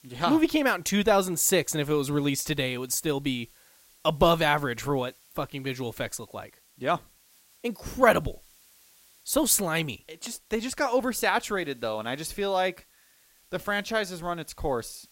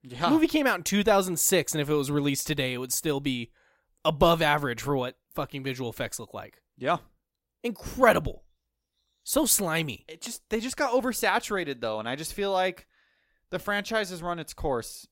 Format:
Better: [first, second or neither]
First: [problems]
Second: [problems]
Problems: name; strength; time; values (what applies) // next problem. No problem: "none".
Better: second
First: hiss; faint; throughout; 30 dB below the speech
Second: none